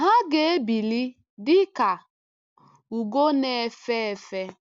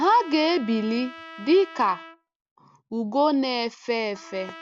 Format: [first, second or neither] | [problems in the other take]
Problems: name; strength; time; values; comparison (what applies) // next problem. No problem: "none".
first | background sound (Trumpet); 20 dB below the speech